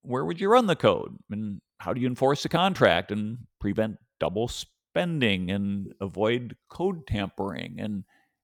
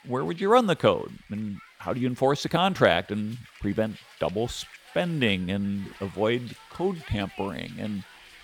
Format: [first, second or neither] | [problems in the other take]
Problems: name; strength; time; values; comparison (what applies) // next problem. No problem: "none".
first | hiss; faint; throughout; 20 dB below the speech